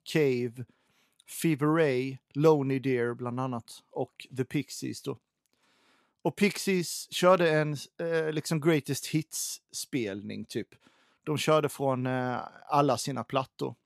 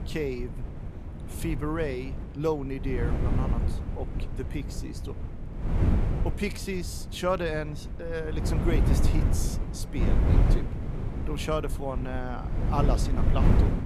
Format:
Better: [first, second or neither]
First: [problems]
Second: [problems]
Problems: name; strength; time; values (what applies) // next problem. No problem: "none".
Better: first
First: none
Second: wind noise on the microphone; heavy; 5 dB below the speech